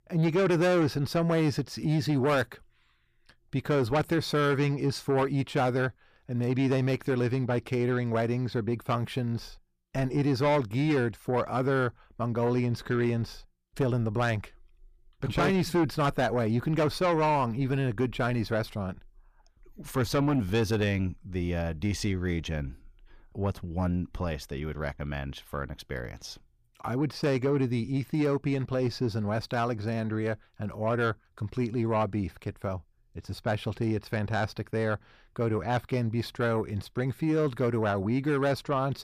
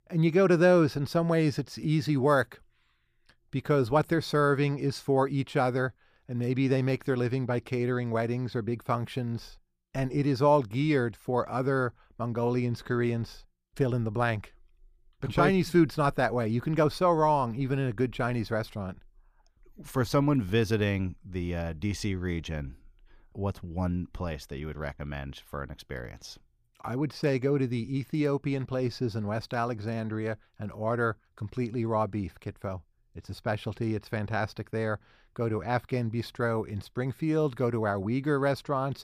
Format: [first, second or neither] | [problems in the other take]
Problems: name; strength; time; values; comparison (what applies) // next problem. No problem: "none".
second | distortion; slight; 10 dB below the speech